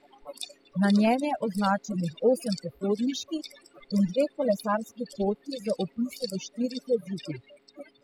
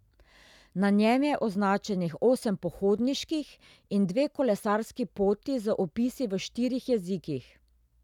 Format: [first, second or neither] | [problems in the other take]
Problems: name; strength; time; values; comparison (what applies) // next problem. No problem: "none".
second | noise reduction (classical method spectral subtraction)